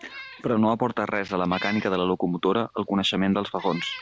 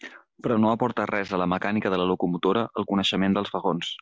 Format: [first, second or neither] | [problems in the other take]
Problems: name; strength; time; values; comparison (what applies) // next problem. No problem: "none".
second | background sound (Meow); 17 dB below the speech